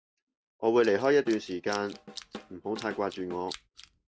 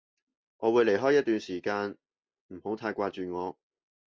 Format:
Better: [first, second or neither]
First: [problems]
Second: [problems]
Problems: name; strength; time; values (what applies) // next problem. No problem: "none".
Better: second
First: background sound (Tools + Drum / Drum kit); 16 dB below the speech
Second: none